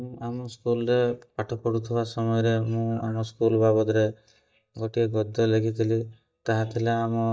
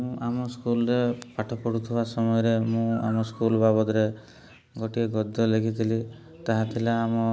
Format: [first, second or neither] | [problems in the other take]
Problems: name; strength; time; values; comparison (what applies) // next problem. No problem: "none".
second | noise reduction (neural mask model DeepFilterNet 3)